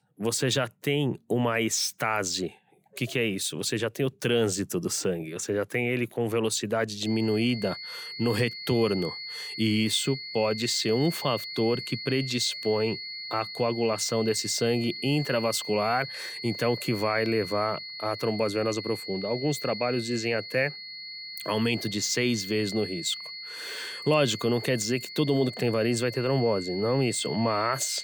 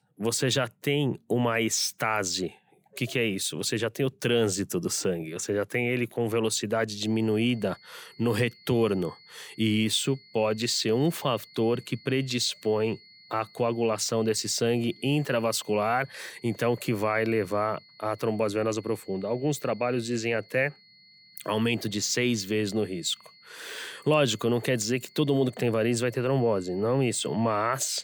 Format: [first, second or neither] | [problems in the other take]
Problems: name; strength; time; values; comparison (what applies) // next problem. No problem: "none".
second | high-pitched whine; loud; from 7 s on; 4.5 kHz, 9 dB below the speech; faint in the second